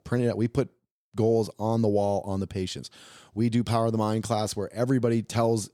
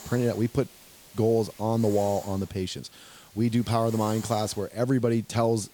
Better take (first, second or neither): first